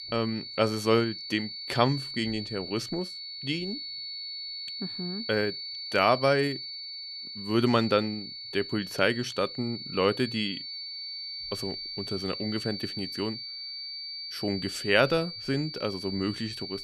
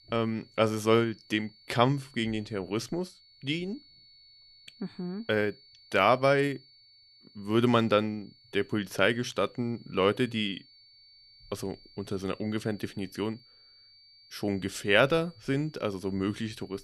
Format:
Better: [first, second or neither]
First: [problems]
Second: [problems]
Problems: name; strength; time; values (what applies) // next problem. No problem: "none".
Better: second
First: high-pitched whine; loud; throughout; 4.5 kHz, 7 dB below the speech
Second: high-pitched whine; faint; throughout; 4.5 kHz, 25 dB below the speech